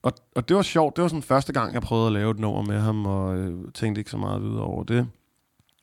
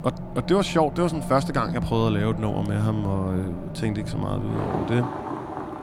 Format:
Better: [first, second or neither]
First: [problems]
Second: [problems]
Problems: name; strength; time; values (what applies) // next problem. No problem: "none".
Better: first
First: none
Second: traffic noise; loud; throughout; 7 dB below the speech